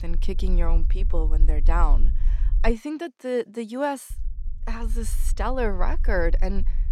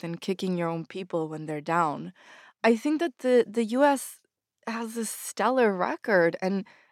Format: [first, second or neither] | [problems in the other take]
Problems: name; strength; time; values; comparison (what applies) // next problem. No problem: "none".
second | low rumble; faint; until 2.5 s and from 4 s on; 20 dB below the speech